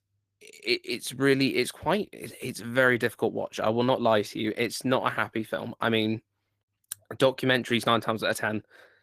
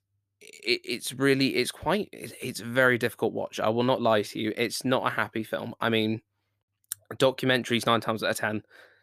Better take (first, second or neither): second